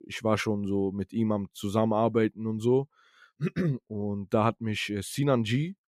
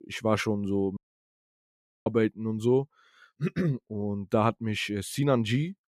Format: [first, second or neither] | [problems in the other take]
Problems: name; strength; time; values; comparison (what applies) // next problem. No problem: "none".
first | audio cutting out; at 1 s for 1 s